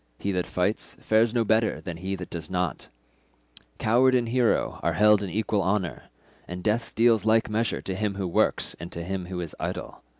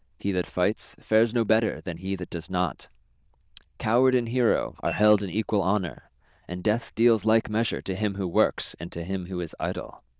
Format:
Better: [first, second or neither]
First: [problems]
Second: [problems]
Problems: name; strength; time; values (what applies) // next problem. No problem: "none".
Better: first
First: none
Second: noise reduction (neural diffusion model UNIVERSE++)